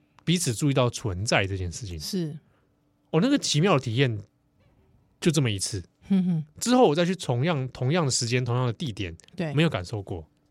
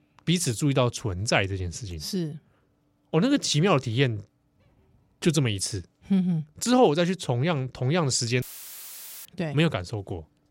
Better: first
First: none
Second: audio cutting out; filled with static; at 8.5 s for 1 s

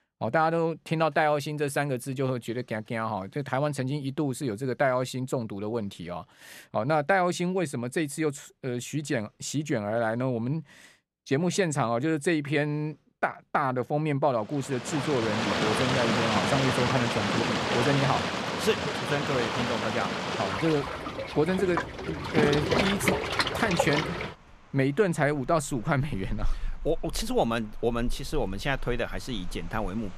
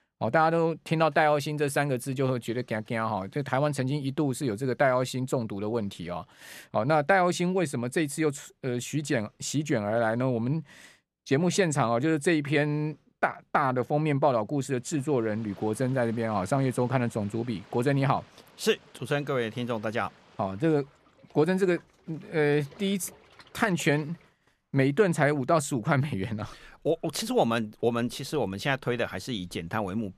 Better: second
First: rain or running water; loud; from 15 s on; as loud as the speech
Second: rain or running water; faint; from 15 s on; 25 dB below the speech

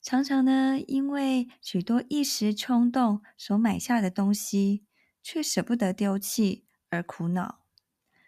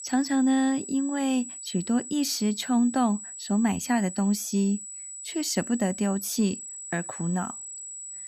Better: first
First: none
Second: high-pitched whine; loud; throughout; 8 kHz, 10 dB below the speech

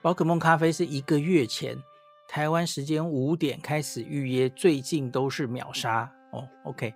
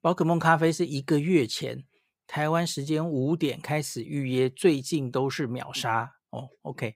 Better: second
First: background music; faint; throughout; 30 dB below the speech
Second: none

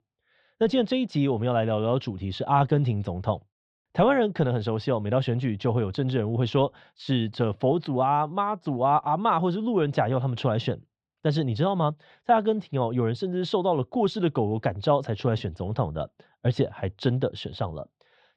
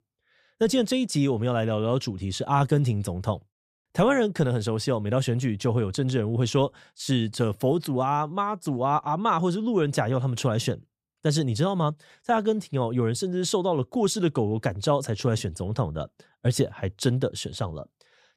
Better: second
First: muffled; slightly; fading above 3.5 kHz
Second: none

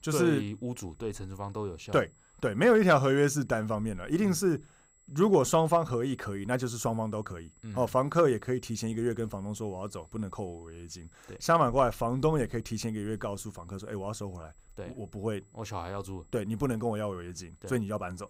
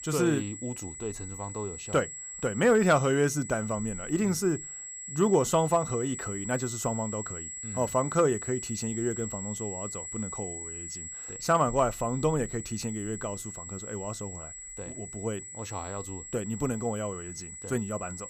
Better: first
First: high-pitched whine; faint; throughout; 8 kHz, 35 dB below the speech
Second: high-pitched whine; loud; throughout; 8 kHz, 8 dB below the speech

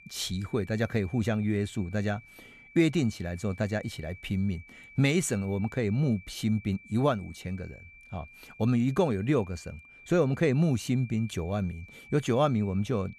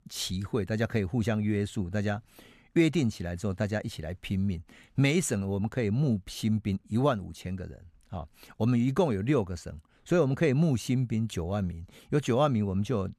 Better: second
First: high-pitched whine; faint; throughout; 2.5 kHz, 20 dB below the speech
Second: none

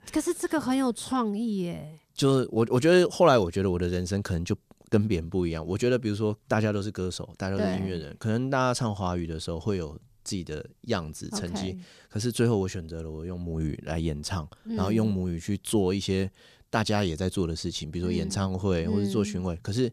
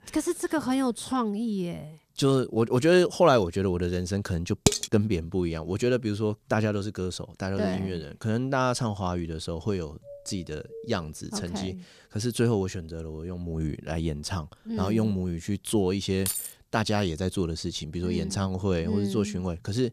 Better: first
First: none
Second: clattering dishes; loud; at 4.5 s; peak 3 dB above the speech // doorbell; faint; from 10 to 11 s; peak 15 dB below the speech // jangling keys; noticeable; at 16 s; peak 2 dB below the speech

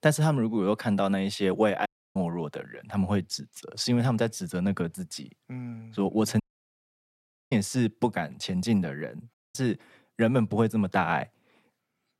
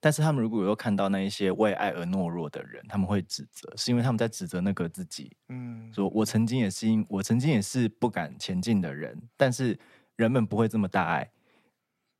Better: second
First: audio cutting out; at 2 s, at 6.5 s for 1 s and at 9.5 s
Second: none

